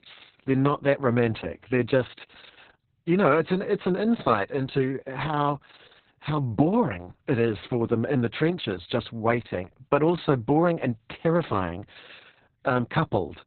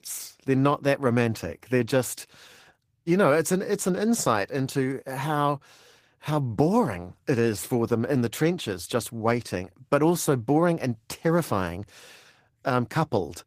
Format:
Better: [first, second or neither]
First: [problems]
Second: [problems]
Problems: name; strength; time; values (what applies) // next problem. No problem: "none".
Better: second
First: garbled, watery; badly; nothing above 4 kHz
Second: garbled, watery; slightly; nothing above 15 kHz